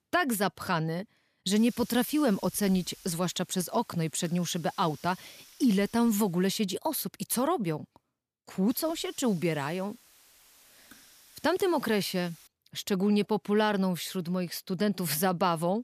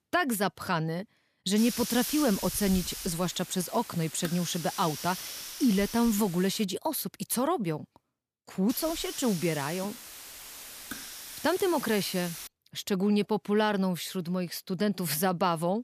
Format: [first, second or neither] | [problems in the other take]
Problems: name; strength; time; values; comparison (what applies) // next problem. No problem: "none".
first | hiss; loud; from 1.5 to 6.5 s and from 8.5 to 12 s; 9 dB below the speech; faint in the first